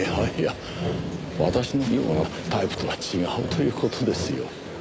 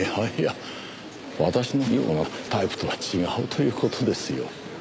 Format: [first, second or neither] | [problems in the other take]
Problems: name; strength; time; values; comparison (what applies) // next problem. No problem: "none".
second | background sound (Sawing); 6 dB below the speech